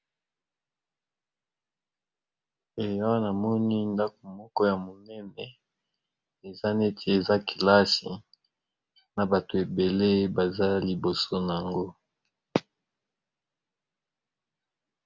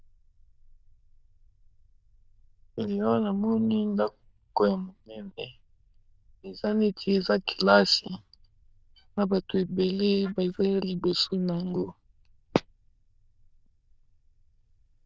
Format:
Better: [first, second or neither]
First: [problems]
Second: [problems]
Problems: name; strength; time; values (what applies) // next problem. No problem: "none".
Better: first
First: none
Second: noise reduction (neural diffusion model UNIVERSE++)